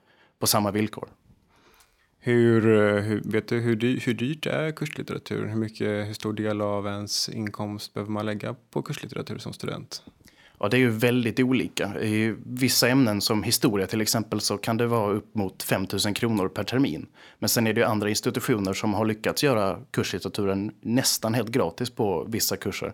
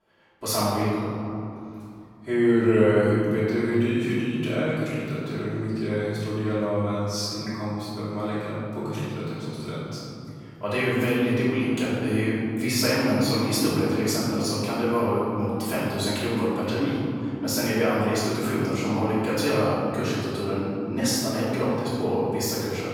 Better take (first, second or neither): first